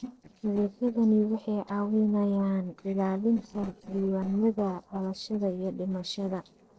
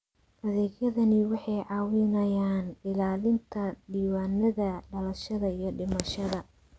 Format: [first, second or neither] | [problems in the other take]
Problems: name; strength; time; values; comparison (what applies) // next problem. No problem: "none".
second | noise reduction (neural separator model SepFormer DNS4)